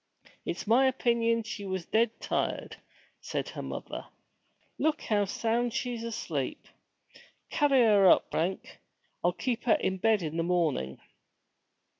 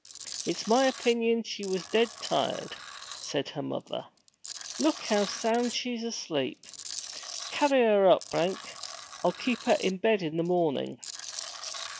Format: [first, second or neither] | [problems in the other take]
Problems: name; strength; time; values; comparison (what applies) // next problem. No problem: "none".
first | background sound (Tools); 13 dB below the speech